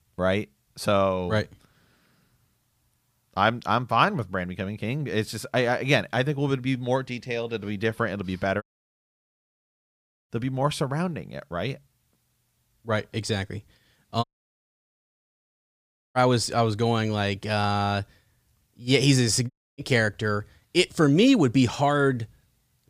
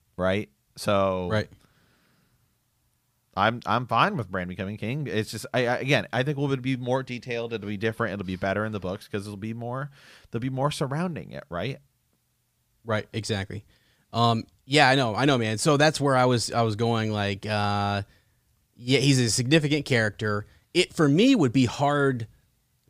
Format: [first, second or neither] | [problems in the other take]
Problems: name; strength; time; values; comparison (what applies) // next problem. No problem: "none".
second | audio cutting out; at 8.5 s for 1.5 s, at 14 s for 2 s and at 20 s